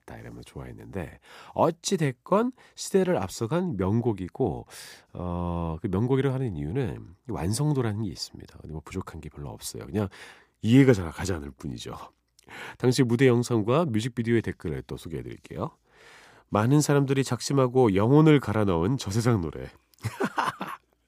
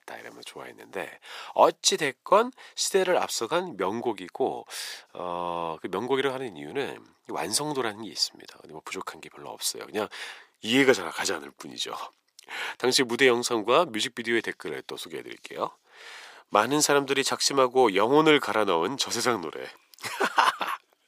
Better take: first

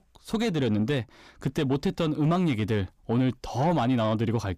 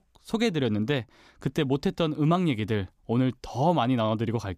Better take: second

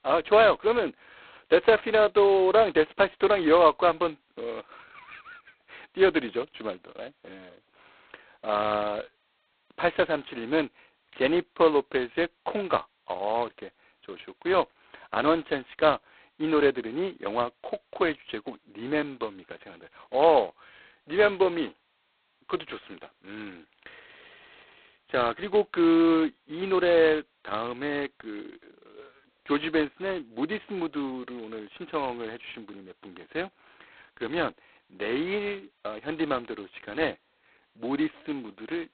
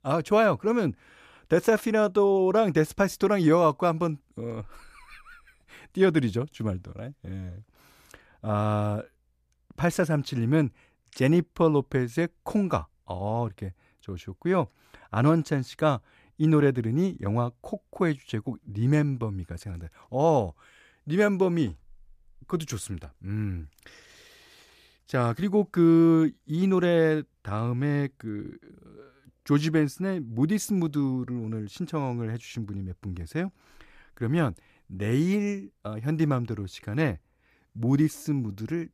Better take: second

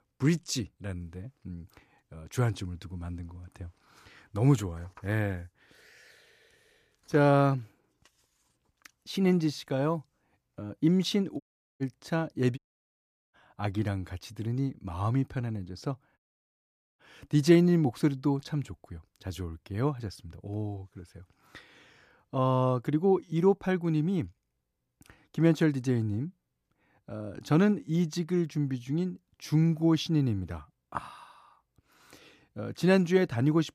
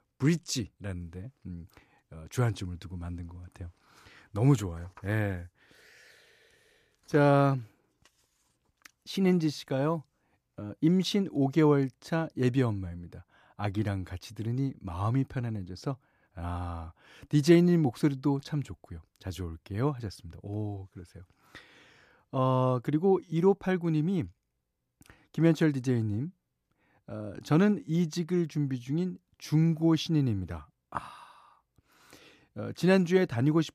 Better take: second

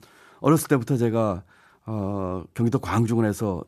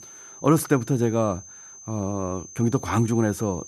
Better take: first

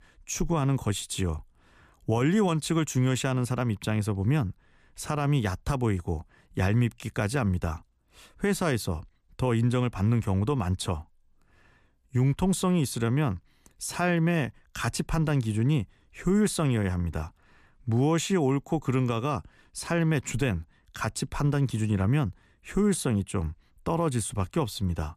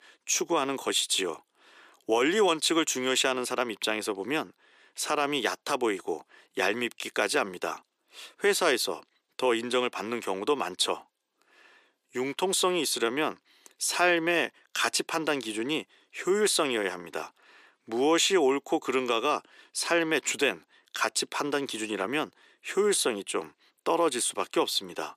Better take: first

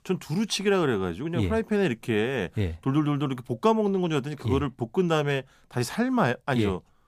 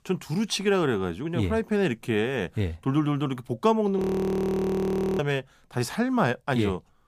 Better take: first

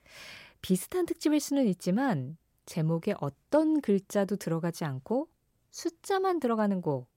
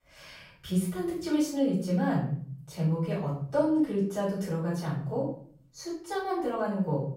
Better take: first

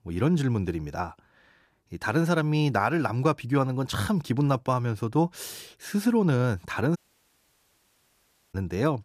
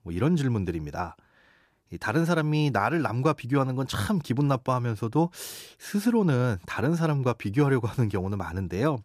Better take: second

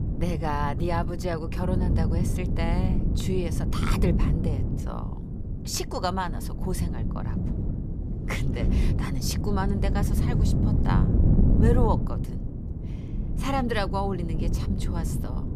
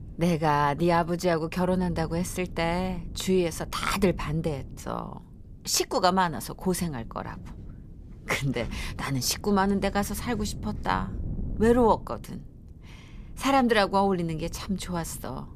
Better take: second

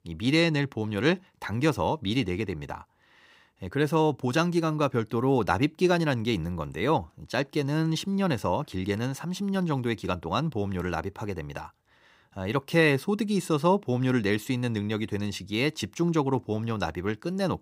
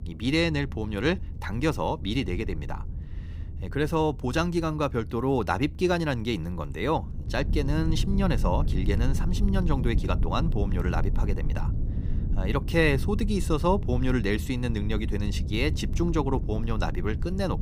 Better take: first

